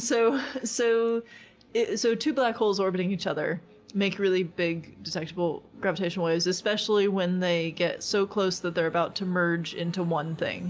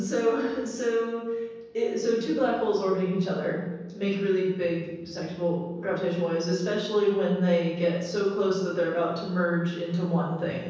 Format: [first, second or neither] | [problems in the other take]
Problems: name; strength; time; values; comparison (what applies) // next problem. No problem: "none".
first | room echo; dies away in 1.1 s